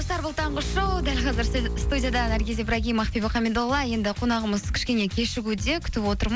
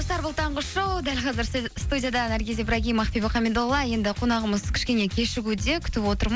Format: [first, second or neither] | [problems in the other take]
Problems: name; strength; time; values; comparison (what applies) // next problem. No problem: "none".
second | background sound (Bowed string instrument); 4 dB below the speech